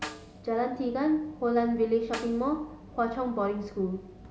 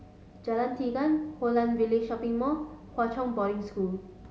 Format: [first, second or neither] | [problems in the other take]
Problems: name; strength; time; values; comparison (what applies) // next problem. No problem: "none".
second | background sound (Snare drum); 18 dB below the speech